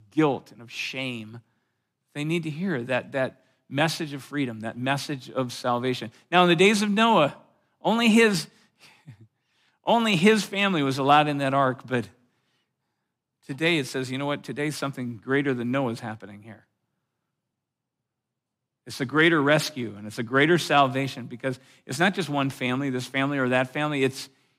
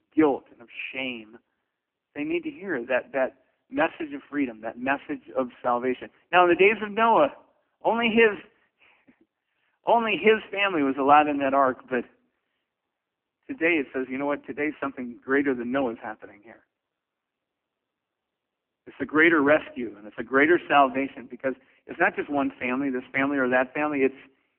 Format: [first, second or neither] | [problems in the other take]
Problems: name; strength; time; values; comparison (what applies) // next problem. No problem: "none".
first | phone-call audio; poor line; nothing above 3 kHz